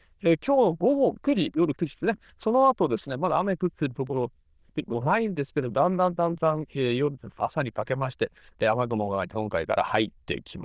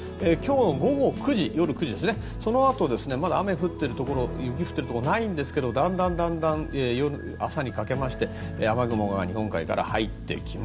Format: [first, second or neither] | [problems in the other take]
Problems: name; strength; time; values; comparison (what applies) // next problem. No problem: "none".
second | noise reduction (neural diffusion model UNIVERSE++)